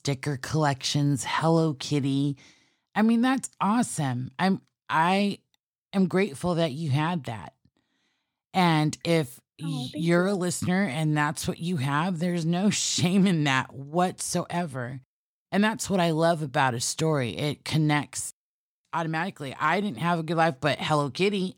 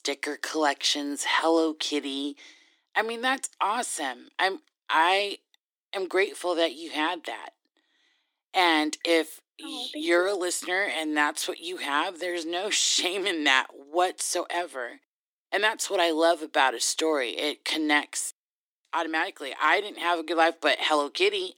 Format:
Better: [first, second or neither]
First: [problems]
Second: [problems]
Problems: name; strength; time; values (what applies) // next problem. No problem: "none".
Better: first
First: none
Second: thin; very; fading below 300 Hz